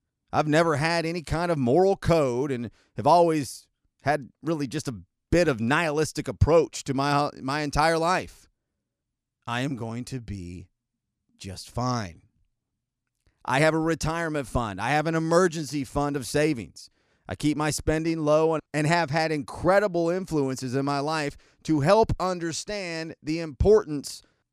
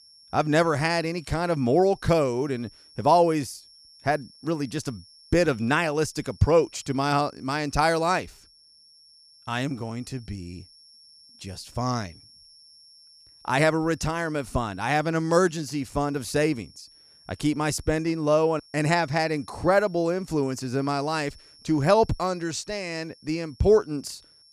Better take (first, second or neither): first